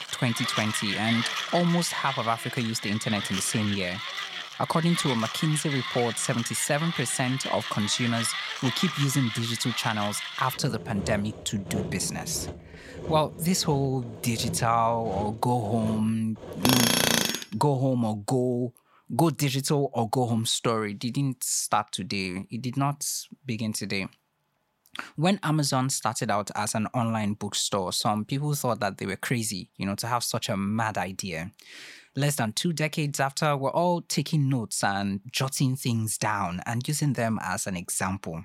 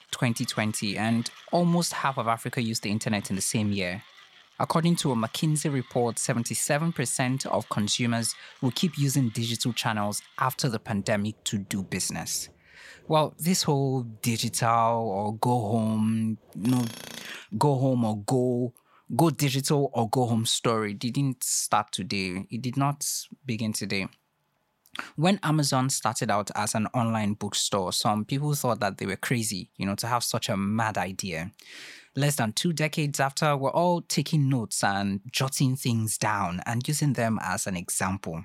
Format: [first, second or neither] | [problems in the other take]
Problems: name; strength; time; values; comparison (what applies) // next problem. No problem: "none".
second | machinery noise; loud; until 18 s; 4 dB below the speech; faint in the second